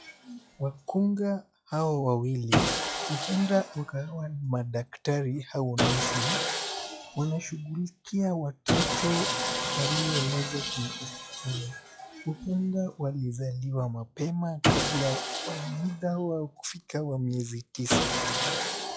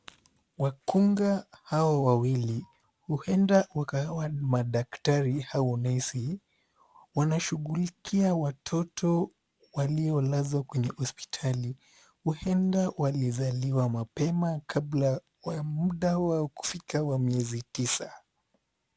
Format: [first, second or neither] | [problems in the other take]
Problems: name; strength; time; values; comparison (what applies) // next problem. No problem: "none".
second | noise reduction (classical method log-MMSE)